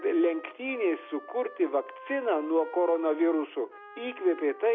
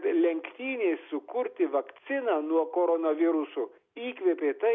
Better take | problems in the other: second | background sound (Trumpet); 19 dB below the speech

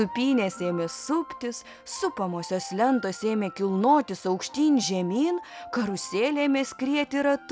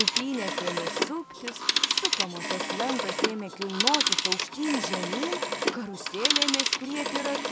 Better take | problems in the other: first | background sound (Telephone); 5 dB above the speech

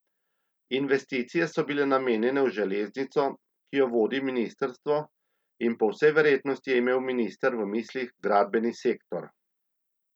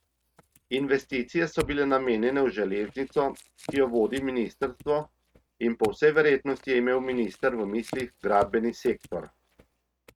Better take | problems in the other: first | noise reduction (neural mask model RNNoise)

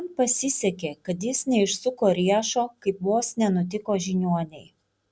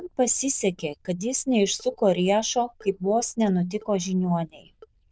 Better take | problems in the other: first | noise reduction (neural diffusion model UNIVERSE++)

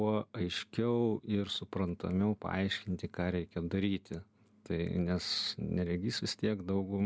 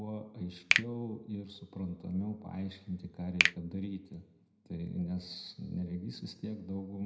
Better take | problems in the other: first | background sound (Finger snapping); 2 dB above the speech // room echo; dies away in 0.7 s

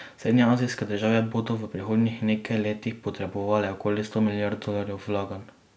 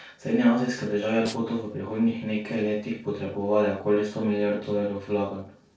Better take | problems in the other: first | noise reduction (neural separator model SepFormer DNS4)

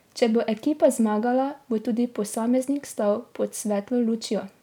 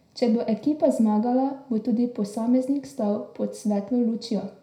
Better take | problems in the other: first | room echo; dies away in 0.4 s

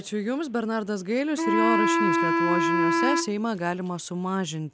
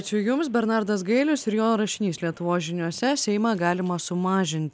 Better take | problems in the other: second | background sound (Wind instrument, woodwind instrument); 3 dB above the speech

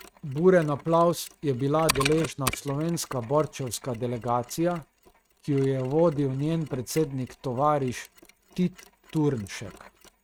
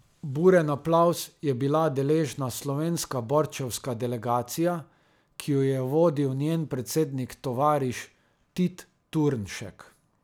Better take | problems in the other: second | noise reduction (neural mask model RNNoise)

